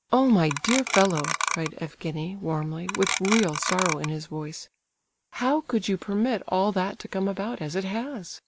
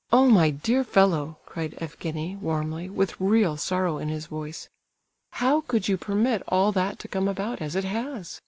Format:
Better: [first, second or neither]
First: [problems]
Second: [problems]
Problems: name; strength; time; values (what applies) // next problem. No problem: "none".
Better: second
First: background sound (Clock); 2 dB below the speech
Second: none